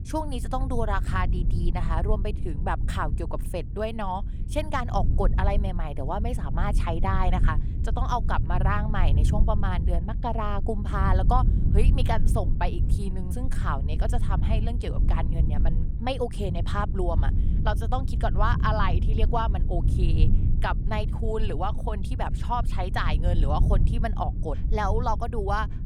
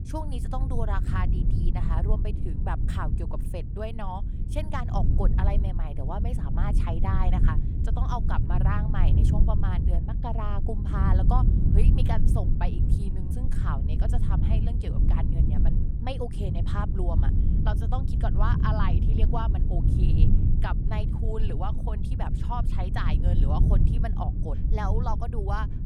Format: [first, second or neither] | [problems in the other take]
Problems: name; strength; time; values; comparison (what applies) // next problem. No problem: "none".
first | wind noise on the microphone; heavy; 4 dB below the speech; occasional gusts in the first